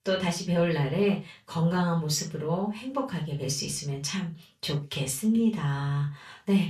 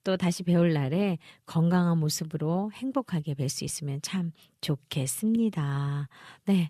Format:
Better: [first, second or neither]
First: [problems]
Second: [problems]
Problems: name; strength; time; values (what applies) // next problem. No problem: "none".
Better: second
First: room echo; slight; dies away in 0.2 s // off-mic speech; far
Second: none